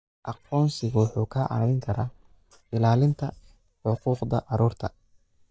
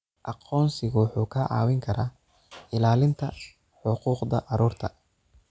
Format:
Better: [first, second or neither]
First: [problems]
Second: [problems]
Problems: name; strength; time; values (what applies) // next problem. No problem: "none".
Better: second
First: noise reduction (neural mask model DeepFilterNet 3)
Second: none